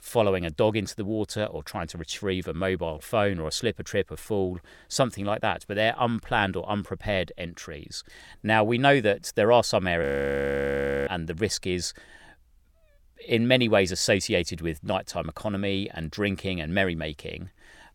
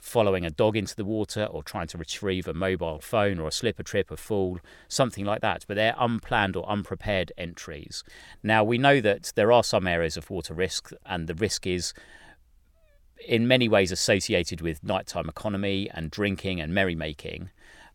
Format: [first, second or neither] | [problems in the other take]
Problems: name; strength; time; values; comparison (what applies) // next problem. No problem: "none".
second | audio freezing; at 10 s for 1 s